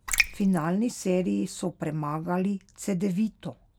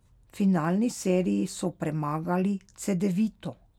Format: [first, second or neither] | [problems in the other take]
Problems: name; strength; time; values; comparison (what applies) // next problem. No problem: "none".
second | background sound (Raindrop); as loud as the speech